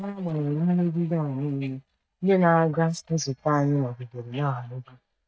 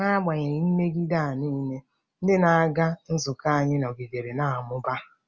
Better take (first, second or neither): second